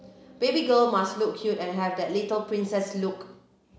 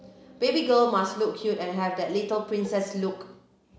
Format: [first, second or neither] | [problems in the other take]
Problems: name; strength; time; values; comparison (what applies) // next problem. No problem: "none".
first | background sound (Dishes, pots, and pans); 19 dB below the speech